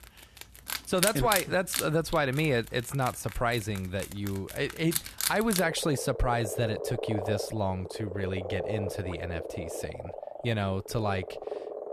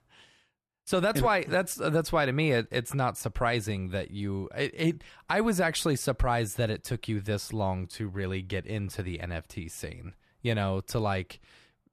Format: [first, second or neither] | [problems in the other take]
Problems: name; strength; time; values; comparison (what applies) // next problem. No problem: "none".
second | animal sounds; loud; throughout; 5 dB below the speech